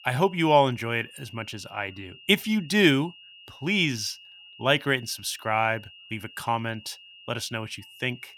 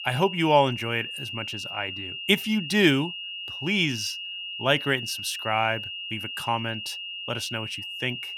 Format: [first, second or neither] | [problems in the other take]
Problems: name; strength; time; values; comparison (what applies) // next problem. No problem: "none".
first | high-pitched whine; loud; throughout; 3 kHz, 7 dB below the speech; faint in the first